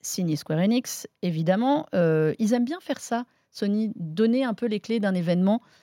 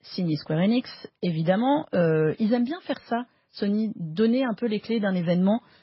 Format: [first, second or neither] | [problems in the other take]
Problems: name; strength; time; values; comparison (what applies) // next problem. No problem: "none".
first | garbled, watery; badly; nothing above 5.5 kHz